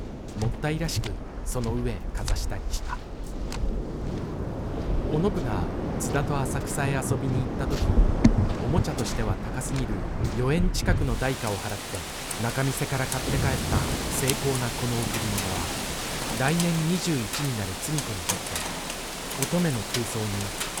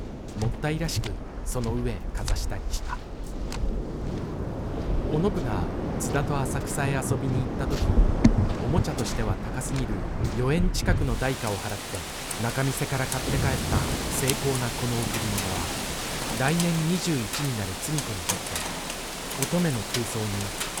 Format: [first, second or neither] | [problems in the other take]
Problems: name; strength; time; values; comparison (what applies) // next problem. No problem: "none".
neither | rain or running water; very loud; throughout; as loud as the speech; the same in both